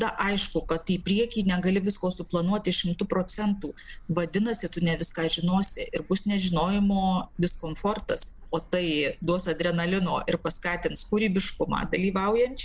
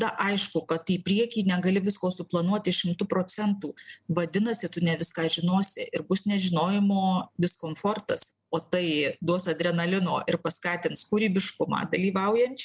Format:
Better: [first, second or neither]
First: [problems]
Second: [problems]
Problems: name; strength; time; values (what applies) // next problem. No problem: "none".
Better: second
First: background sound (Gull, seagull); 15 dB below the speech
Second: none